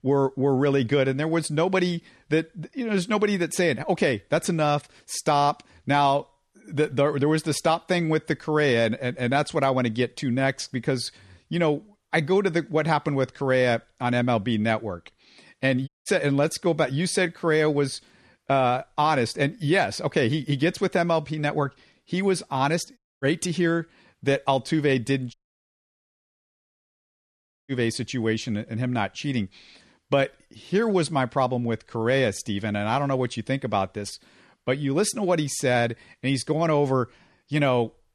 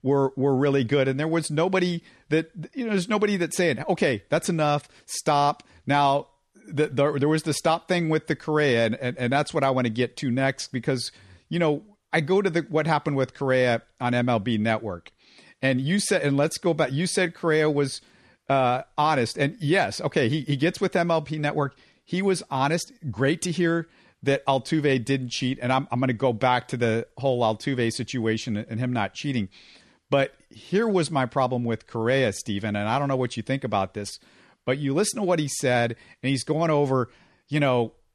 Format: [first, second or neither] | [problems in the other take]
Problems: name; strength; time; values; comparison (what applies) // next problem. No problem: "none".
second | audio cutting out; at 16 s, at 23 s and at 25 s for 2.5 s